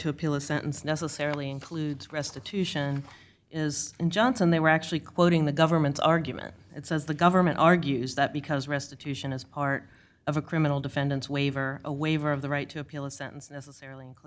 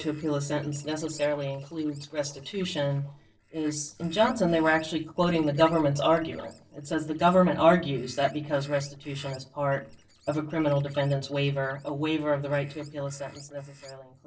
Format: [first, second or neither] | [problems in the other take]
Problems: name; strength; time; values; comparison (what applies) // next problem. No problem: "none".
first | noise reduction (neural separator model SepFormer DNS4)